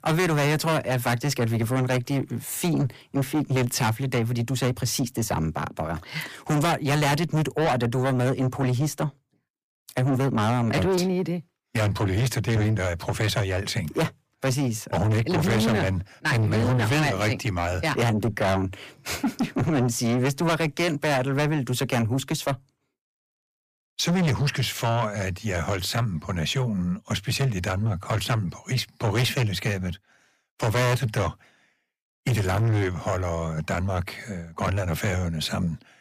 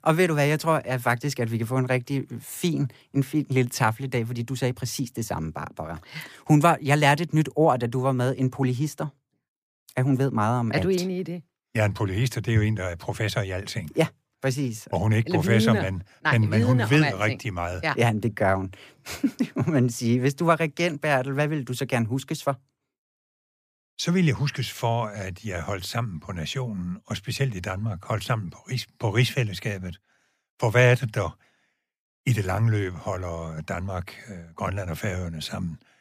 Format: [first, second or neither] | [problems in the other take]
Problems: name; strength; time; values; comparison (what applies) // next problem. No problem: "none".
second | distortion; heavy; 6 dB below the speech